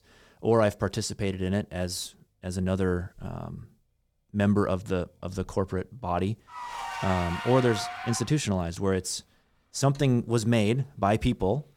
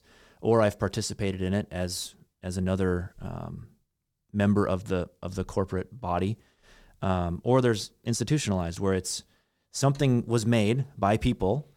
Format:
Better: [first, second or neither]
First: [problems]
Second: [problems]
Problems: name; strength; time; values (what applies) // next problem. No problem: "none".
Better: second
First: traffic noise; loud; throughout; 8 dB below the speech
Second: none